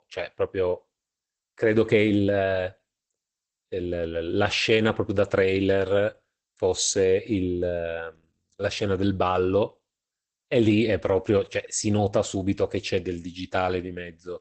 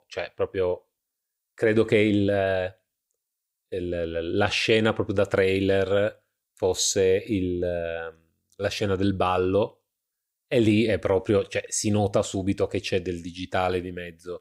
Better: second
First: garbled, watery; badly; nothing above 8 kHz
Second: none

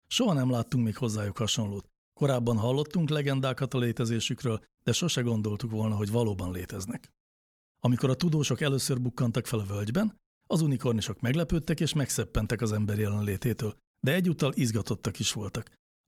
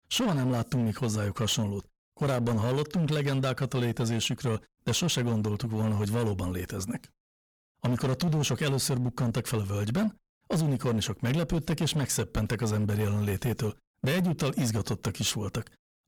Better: first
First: none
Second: distortion; slight; 16% of the sound clipped

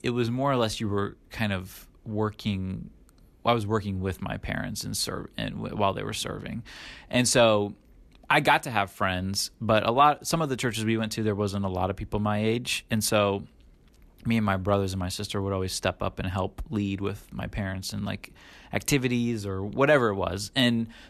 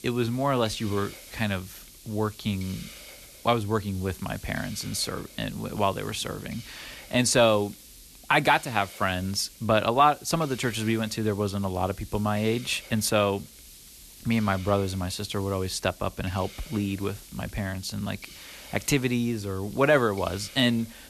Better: first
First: none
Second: hiss; noticeable; throughout; 20 dB below the speech

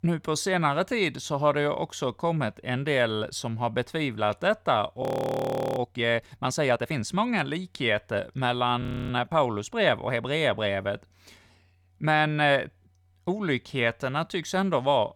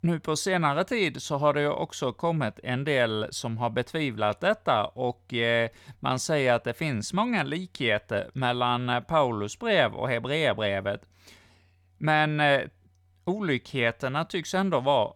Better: second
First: audio freezing; at 5 s for 1 s and at 9 s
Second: none

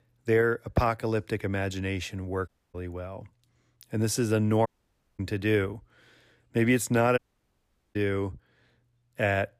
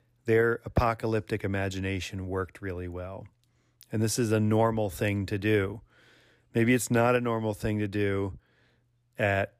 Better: second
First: audio cutting out; at 2.5 s, at 4.5 s for 0.5 s and at 7 s for 1 s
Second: none

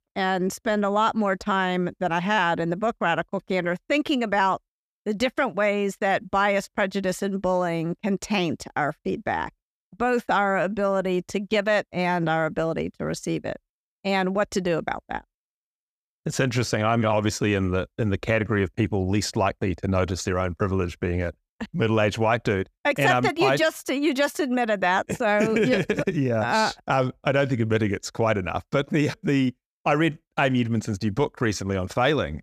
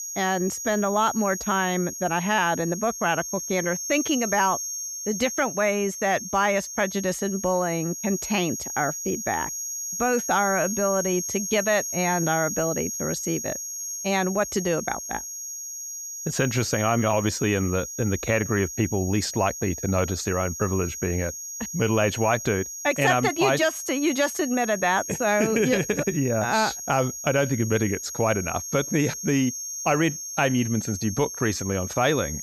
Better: first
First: none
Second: high-pitched whine; loud; throughout; 6.5 kHz, 6 dB below the speech

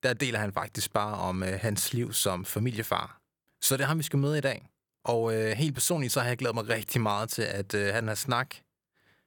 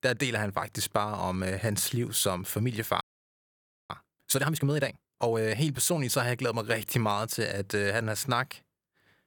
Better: first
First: none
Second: audio freezing; at 3 s for 1 s

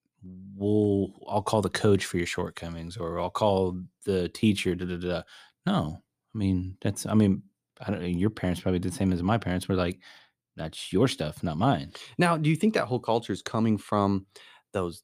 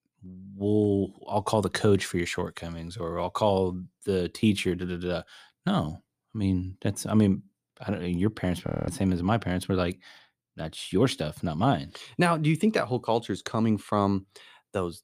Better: first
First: none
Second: audio freezing; at 8.5 s

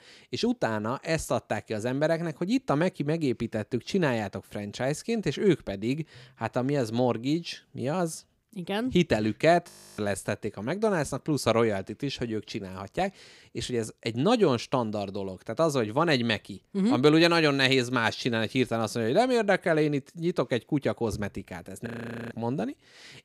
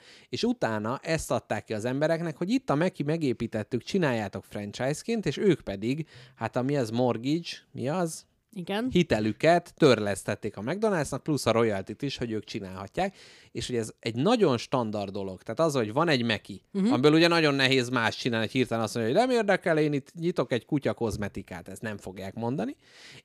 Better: second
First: audio freezing; at 9.5 s and at 22 s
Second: none

